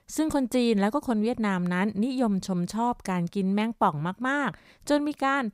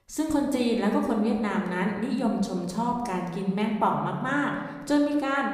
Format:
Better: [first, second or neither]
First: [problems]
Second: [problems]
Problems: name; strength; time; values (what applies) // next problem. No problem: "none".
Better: first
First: none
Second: room echo; slight; dies away in 1.2 s // off-mic speech; somewhat distant